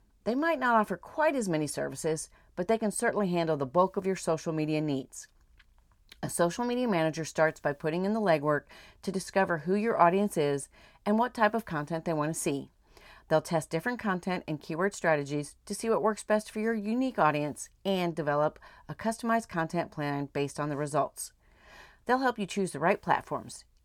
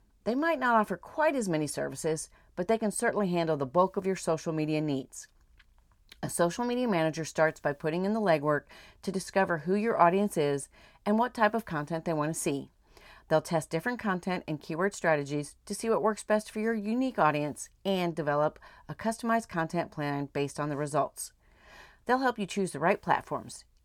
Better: neither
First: none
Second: none

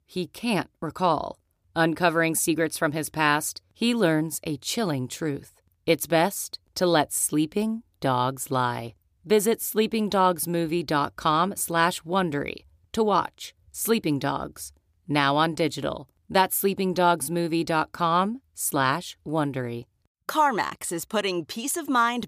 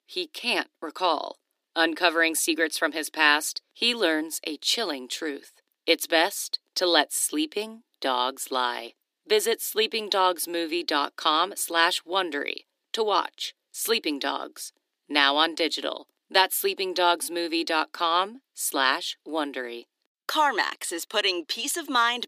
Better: first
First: none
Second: thin; somewhat; fading below 300 Hz

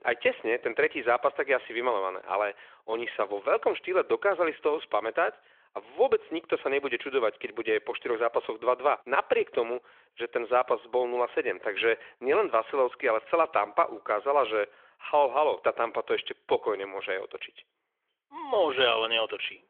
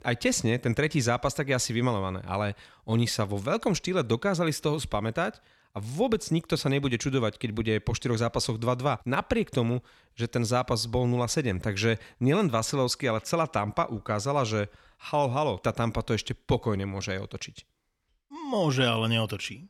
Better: second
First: phone-call audio; nothing above 3.5 kHz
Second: none

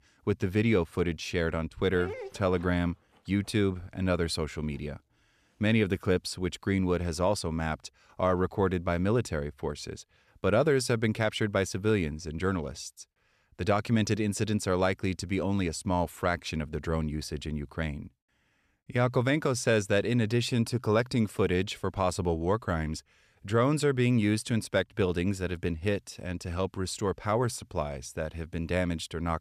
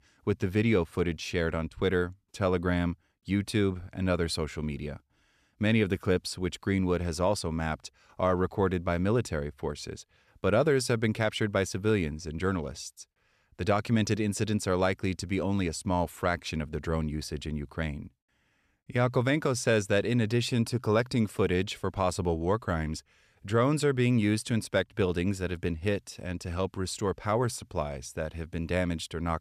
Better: second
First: dog barking; faint; from 2 to 3 s; peak 10 dB below the speech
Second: none

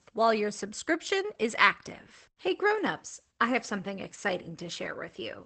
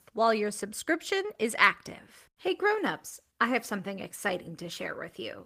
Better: second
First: garbled, watery; badly; nothing above 8 kHz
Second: garbled, watery; slightly; nothing above 15 kHz

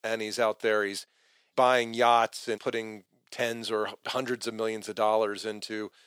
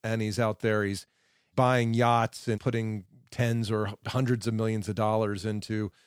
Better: second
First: thin; very; fading below 450 Hz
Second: none

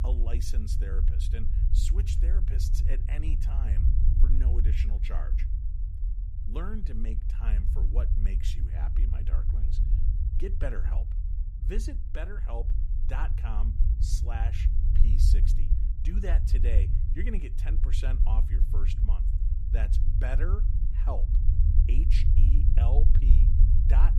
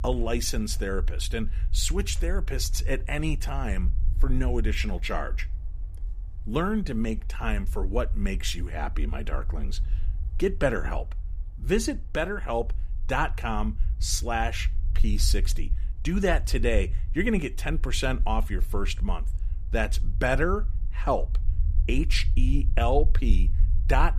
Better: second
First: low rumble; loud; throughout; 4 dB below the speech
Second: low rumble; faint; throughout; 20 dB below the speech

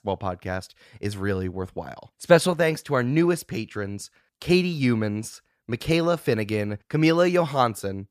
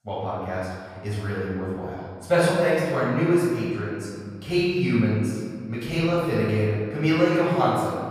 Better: first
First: none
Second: room echo; strong; dies away in 2 s // off-mic speech; far

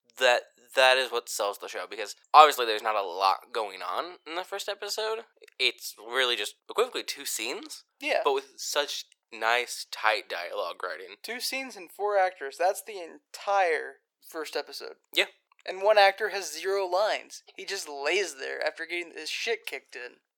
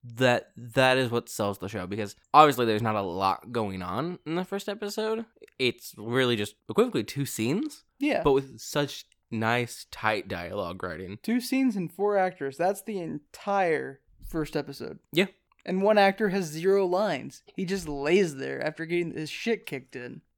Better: second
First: thin; very; fading below 500 Hz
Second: none

